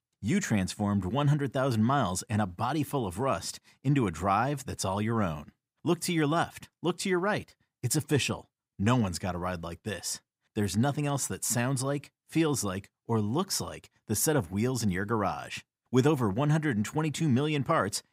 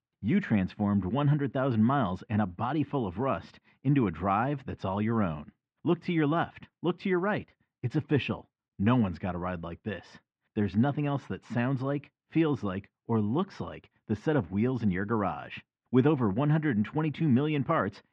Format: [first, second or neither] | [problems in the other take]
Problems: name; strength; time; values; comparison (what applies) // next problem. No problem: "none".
first | muffled; very; fading above 3 kHz